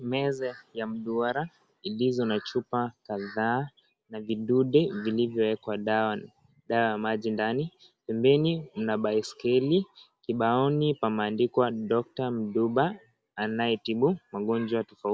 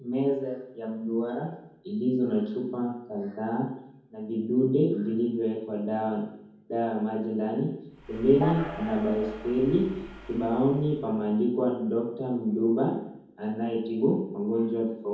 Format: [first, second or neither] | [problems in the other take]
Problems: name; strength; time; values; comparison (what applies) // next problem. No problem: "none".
first | background sound (Train); 13 dB below the speech // room echo; dies away in 0.9 s